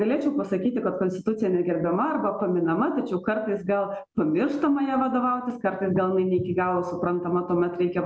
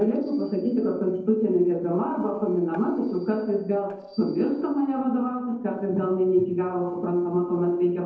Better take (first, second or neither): first